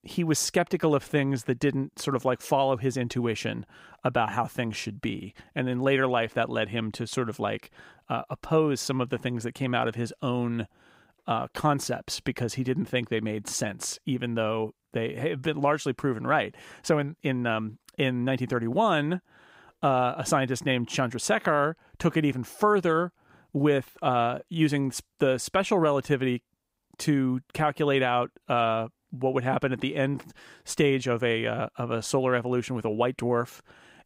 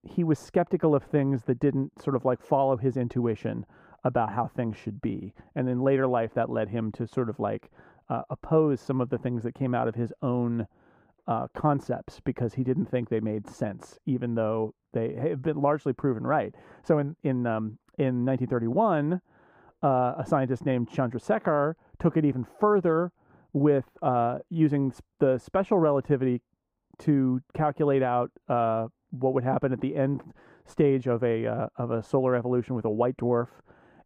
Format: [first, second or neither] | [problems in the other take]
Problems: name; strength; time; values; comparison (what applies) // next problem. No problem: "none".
first | muffled; very; fading above 2 kHz